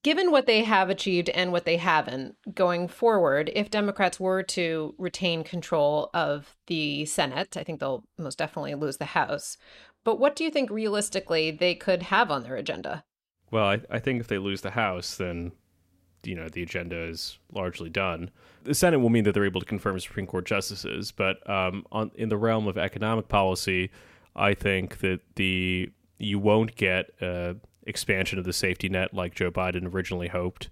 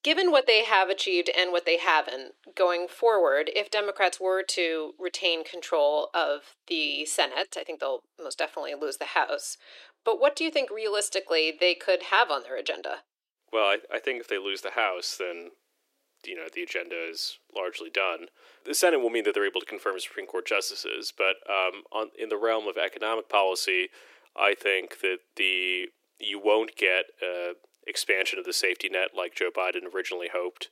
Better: first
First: none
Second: thin; very; fading below 350 Hz

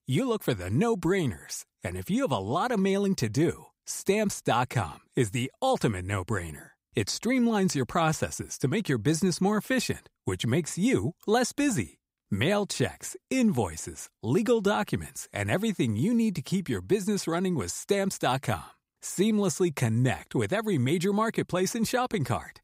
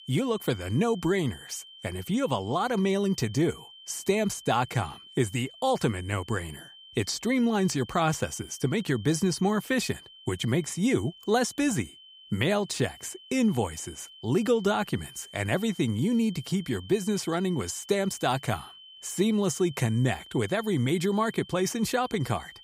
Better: first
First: none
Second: high-pitched whine; noticeable; throughout; 3 kHz, 20 dB below the speech

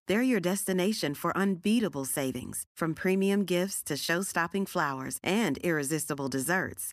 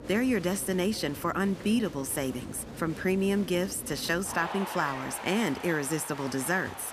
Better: first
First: none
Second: crowd noise; noticeable; throughout; 10 dB below the speech

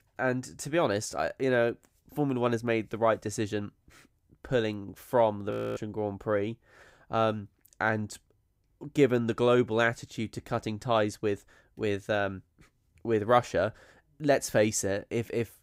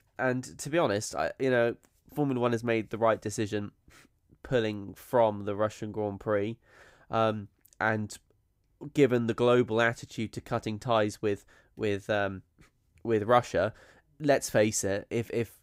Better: second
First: audio freezing; at 5.5 s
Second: none

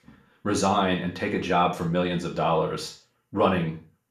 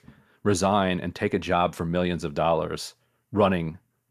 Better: second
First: room echo; slight; dies away in 0.4 s // off-mic speech; far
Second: none

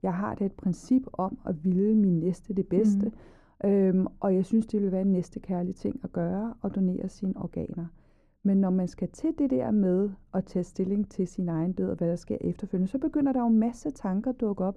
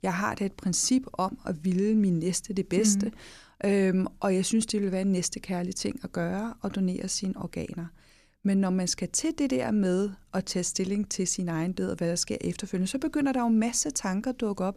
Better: second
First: muffled; very; fading above 1.5 kHz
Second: none

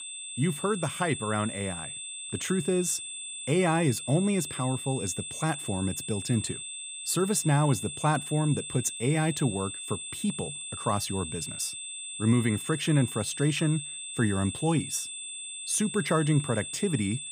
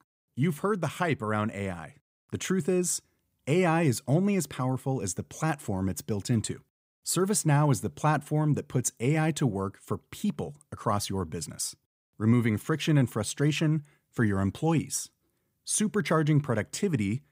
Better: second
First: high-pitched whine; loud; throughout; 8 kHz, 7 dB below the speech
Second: none

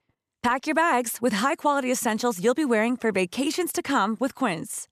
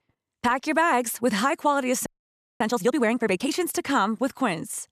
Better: first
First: none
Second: audio freezing; at 2 s for 0.5 s

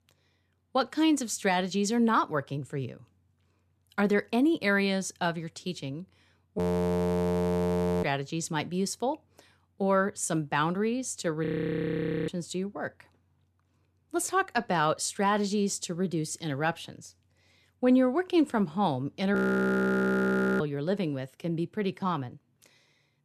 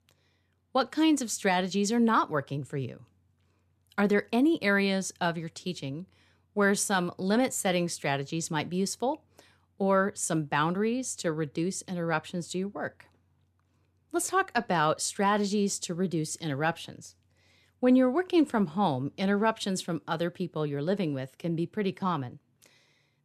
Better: second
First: audio freezing; at 6.5 s for 1.5 s, at 11 s for 1 s and at 19 s for 1.5 s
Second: none

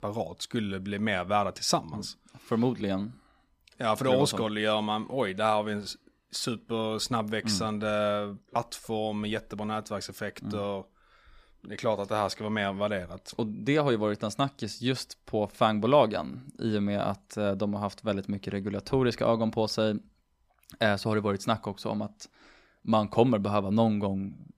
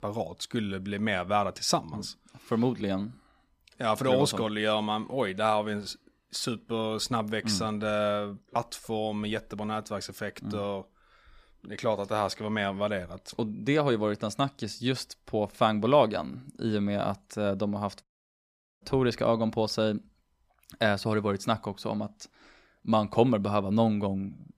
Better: first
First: none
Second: audio cutting out; at 18 s for 1 s

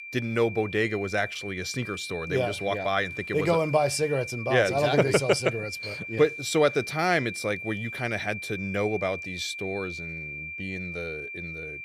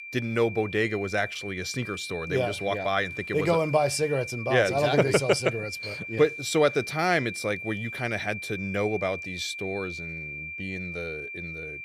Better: neither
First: high-pitched whine; loud; throughout; 2.5 kHz, 9 dB below the speech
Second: high-pitched whine; loud; throughout; 2.5 kHz, 9 dB below the speech

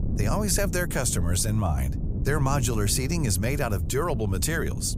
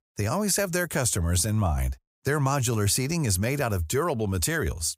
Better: second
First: wind noise on the microphone; occasional gusts; 15 dB below the speech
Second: none

